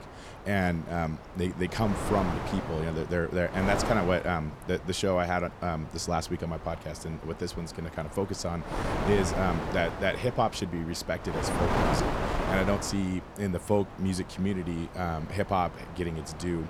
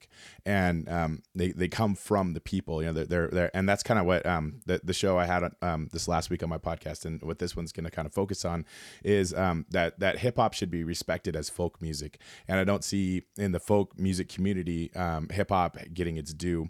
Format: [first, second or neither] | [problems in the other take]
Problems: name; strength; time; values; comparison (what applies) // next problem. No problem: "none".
second | wind noise on the microphone; heavy; 4 dB below the speech